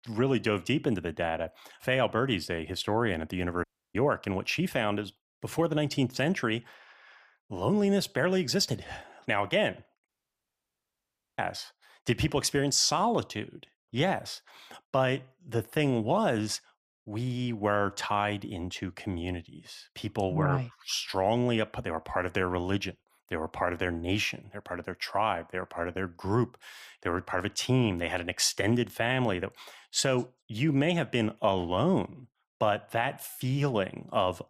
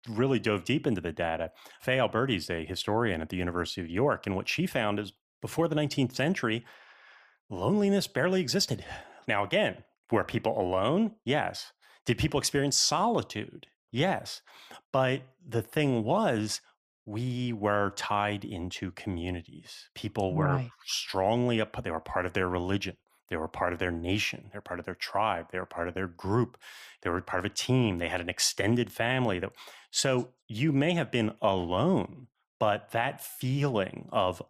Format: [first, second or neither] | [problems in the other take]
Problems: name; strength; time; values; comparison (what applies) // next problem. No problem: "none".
second | audio cutting out; at 3.5 s and at 10 s for 1.5 s